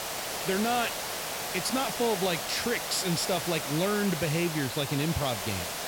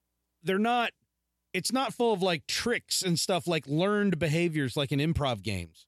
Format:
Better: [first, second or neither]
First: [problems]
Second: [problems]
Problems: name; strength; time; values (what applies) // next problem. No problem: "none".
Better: second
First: hiss; loud; throughout; 3 dB below the speech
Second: none